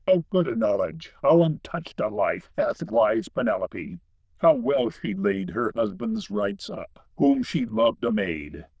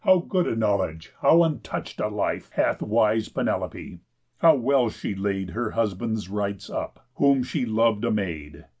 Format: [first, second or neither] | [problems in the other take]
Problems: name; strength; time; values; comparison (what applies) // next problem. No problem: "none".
second | noise reduction (neural diffusion model UNIVERSE++)